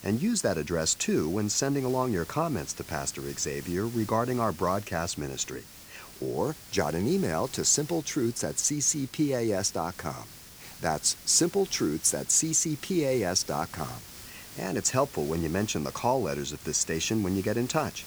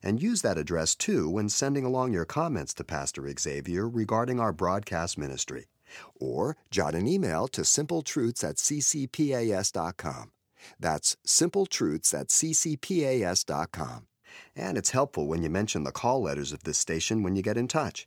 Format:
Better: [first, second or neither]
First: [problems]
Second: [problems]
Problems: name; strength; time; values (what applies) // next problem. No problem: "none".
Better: second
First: hiss; noticeable; throughout; 15 dB below the speech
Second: none